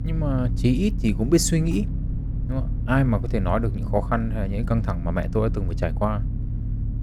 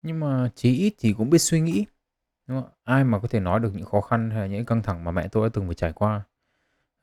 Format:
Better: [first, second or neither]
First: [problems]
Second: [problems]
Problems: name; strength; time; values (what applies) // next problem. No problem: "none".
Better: second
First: low rumble; noticeable; throughout; 15 dB below the speech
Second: none